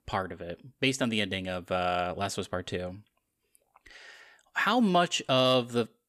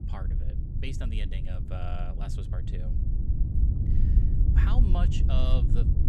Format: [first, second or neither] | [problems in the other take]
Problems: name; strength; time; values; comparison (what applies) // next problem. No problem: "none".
first | low rumble; loud; throughout; 3 dB below the speech